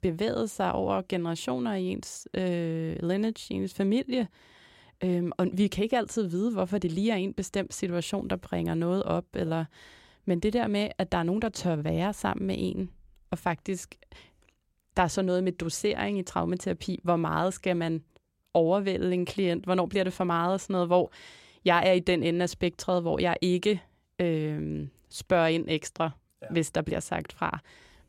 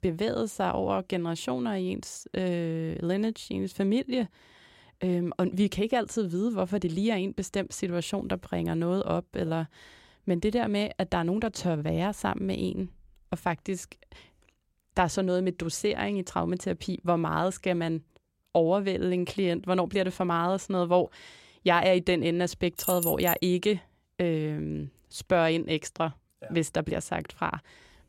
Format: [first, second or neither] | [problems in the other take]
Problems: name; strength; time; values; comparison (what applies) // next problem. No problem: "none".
first | jangling keys; noticeable; at 23 s; peak level with the speech